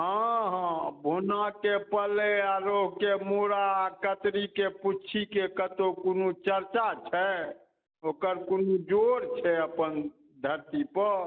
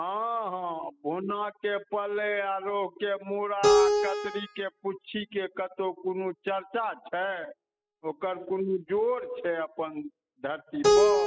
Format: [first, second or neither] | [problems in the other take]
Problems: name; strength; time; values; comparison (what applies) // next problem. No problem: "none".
first | noise reduction (classical method spectral subtraction)